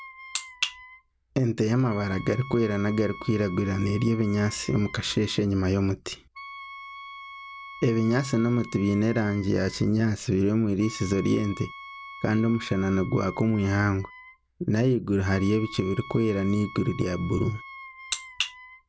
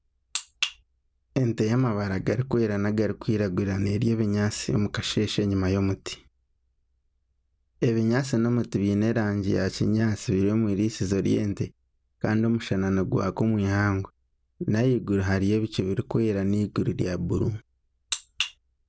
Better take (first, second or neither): second